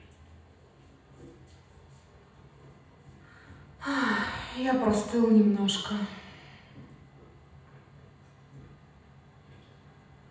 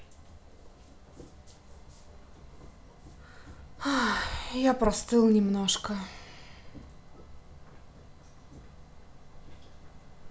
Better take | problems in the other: second | room echo; dies away in 0.9 s

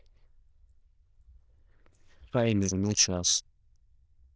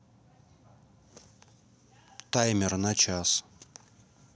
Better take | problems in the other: second | noise reduction (neural diffusion model UNIVERSE++)

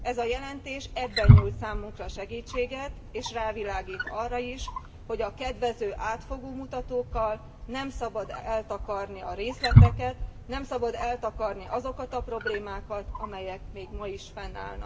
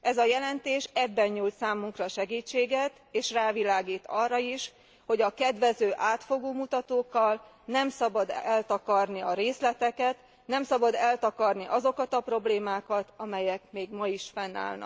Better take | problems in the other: second | background sound (Wild animals); 5 dB above the speech // room echo; dies away in 1.4 s

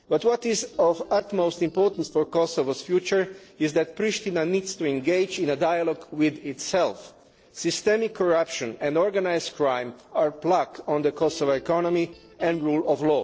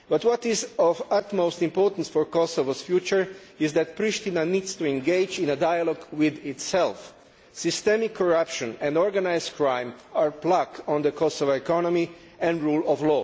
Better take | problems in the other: second | noise reduction (neural separator model SepFormer DNS4)

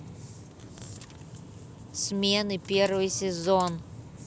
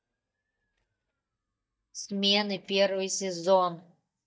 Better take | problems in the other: first | noise reduction (neural mask model DeepFilterNet 3)

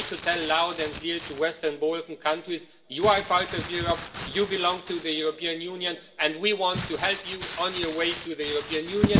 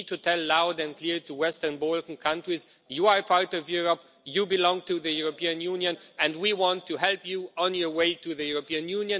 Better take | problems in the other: second | background sound (Crumpling, crinkling); 7 dB below the speech // room echo; dies away in 0.5 s

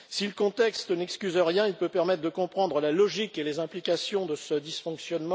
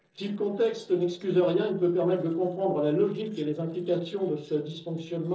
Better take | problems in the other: first | noise reduction (neural separator model SepFormer DNS4)

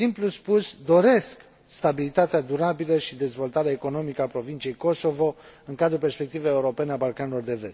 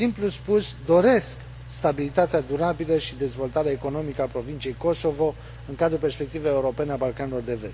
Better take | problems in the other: first | background sound (Engine); 15 dB below the speech

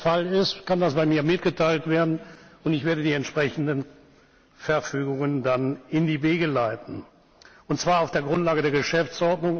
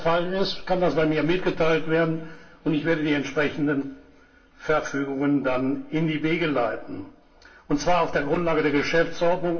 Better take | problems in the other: first | room echo; dies away in 0.3 s

